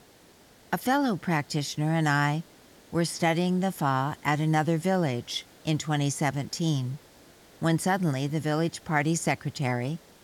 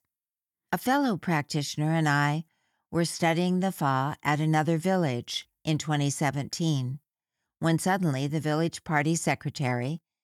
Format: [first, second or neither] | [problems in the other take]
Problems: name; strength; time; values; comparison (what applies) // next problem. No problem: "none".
second | hiss; faint; throughout; 25 dB below the speech